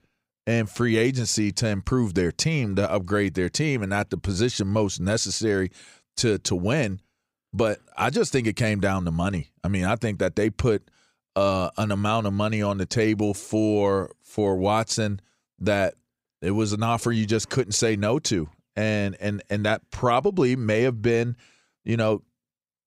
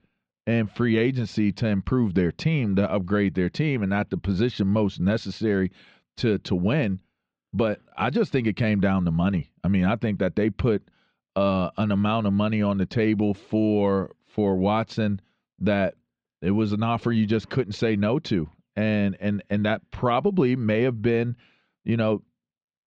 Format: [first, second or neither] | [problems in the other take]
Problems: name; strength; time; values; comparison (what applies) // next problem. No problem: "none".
first | muffled; slightly; fading above 3.5 kHz